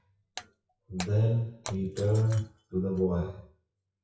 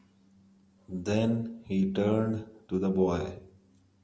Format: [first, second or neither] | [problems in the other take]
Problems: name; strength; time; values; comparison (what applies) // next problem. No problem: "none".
second | noise reduction (classical method WPE with log-MMSE)